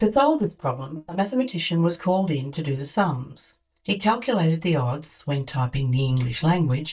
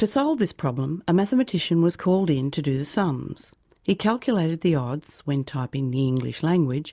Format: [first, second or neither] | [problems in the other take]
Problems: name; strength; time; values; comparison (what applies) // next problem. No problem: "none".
second | noise reduction (neural mask model DeepFilterNet 3)